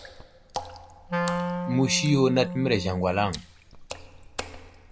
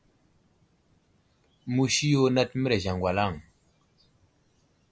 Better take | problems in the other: second | background sound (Water / Splash, splatter + Wind instrument, woodwind instrument); 6 dB below the speech

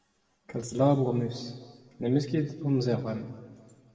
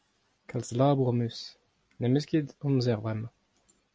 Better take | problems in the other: second | room echo; dies away in 1.6 s

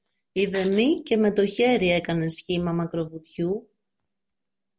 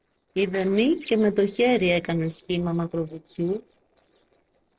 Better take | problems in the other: first | noise reduction (neural separator model SepFormer DNS4)

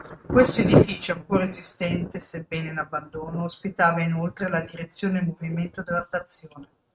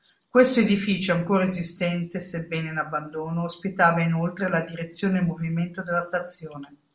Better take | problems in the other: second | noise reduction (neural mask model RNNoise)

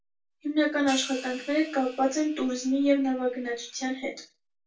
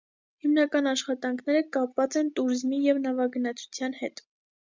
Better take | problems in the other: second | background sound (Hi-hat); 17 dB below the speech // room echo; dies away in 0.2 s

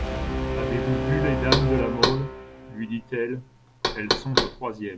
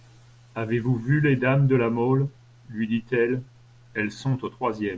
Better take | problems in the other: second | background sound (Brass instrument + Knock); 2 dB above the speech

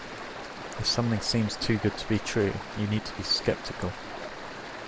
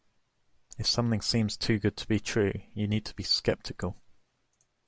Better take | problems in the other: second | background sound (Stream); 9 dB below the speech

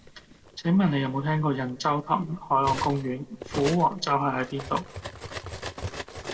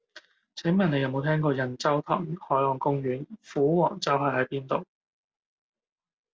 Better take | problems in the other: second | background sound (Cutlery, silverware); 12 dB below the speech // room echo; dies away in 0.2 s

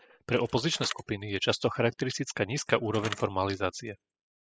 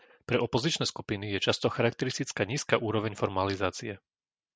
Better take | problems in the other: second | noise reduction (classical method spectral subtraction)

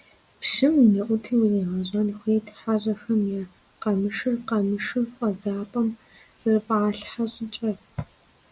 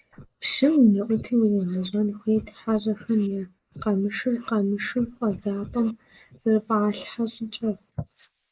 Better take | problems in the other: first | noise reduction (neural mask model Resemble Enhance denoiser)

